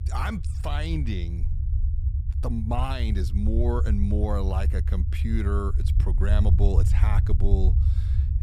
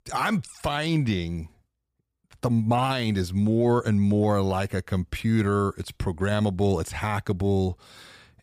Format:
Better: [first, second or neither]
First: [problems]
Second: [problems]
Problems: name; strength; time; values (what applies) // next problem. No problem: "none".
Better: second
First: low rumble; loud; throughout; 8 dB below the speech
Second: none